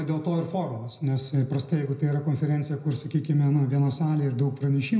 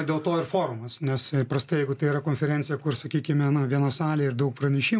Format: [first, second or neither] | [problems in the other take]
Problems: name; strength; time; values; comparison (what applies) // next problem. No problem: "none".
second | room echo; dies away in 0.8 s